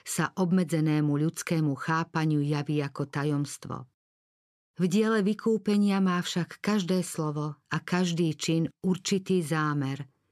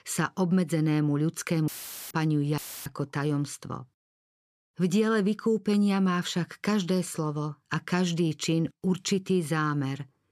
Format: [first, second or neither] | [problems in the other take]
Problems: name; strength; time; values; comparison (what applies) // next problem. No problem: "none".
first | audio cutting out; filled with static; at 1.5 s and at 2.5 s